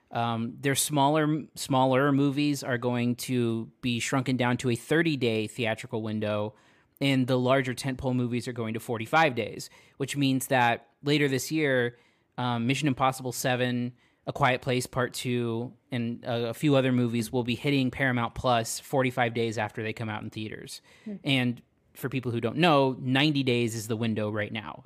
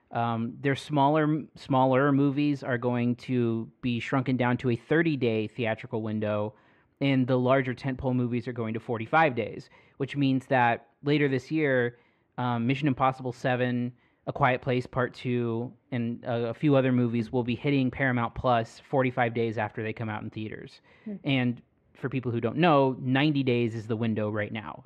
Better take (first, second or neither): first